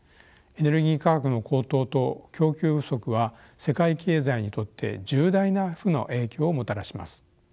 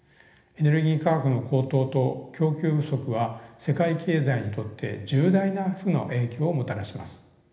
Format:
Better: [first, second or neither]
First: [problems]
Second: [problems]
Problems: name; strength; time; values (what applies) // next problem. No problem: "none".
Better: first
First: none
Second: room echo; dies away in 1.1 s